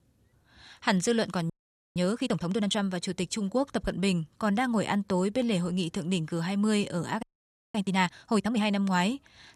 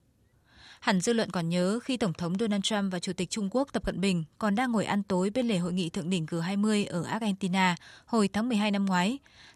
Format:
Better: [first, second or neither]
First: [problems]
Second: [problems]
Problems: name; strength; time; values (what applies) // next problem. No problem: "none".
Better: second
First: audio freezing; at 1.5 s and at 7 s for 0.5 s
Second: none